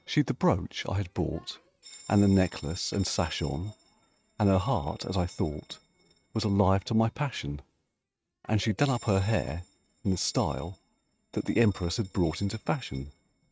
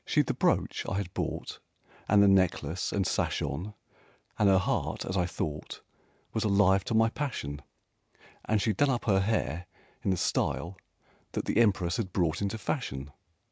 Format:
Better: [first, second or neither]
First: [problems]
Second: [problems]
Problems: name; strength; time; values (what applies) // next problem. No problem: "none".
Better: second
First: noise reduction (neural mask model RNNoise)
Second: none